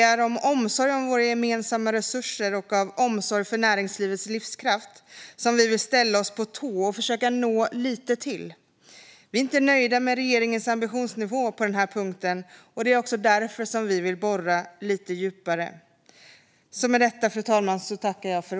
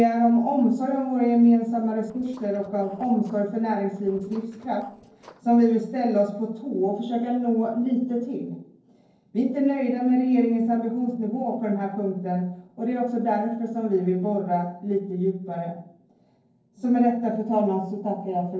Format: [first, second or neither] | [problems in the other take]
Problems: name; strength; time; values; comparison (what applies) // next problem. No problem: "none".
first | noise reduction (neural separator model SepFormer DNS4)